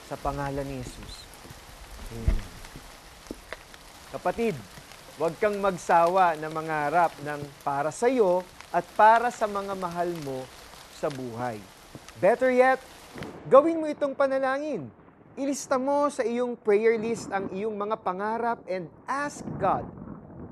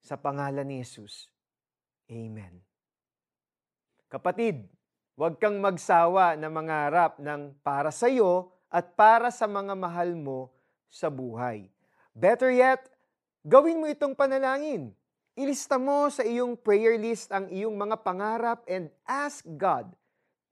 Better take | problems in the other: second | rain or running water; noticeable; throughout; 15 dB below the speech

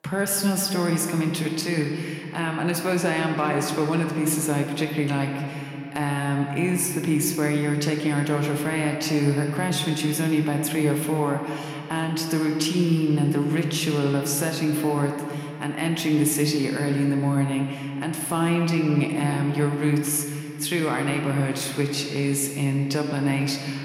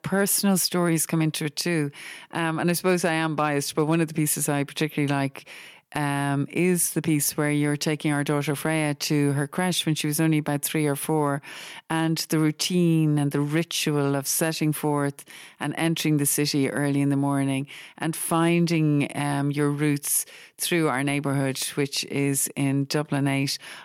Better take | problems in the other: second | room echo; slight; dies away in 2.8 s

